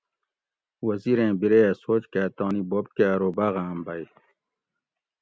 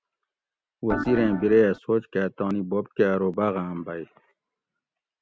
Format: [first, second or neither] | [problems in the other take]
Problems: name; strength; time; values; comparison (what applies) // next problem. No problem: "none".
first | background sound (Organ); 6 dB below the speech